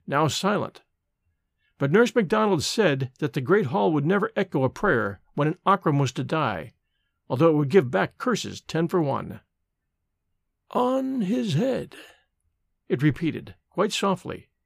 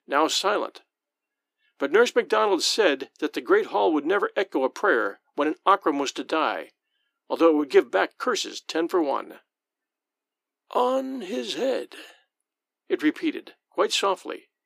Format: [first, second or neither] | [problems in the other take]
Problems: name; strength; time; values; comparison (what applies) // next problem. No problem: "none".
first | thin; somewhat; fading below 300 Hz